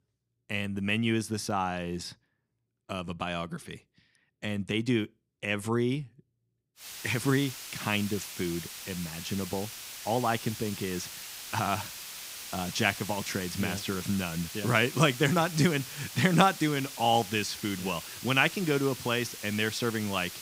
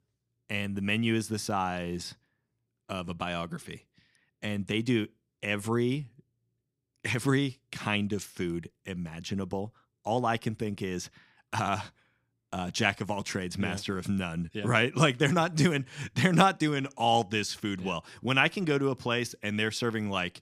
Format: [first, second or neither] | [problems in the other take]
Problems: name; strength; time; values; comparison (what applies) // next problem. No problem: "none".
second | hiss; loud; from 7 s on; 10 dB below the speech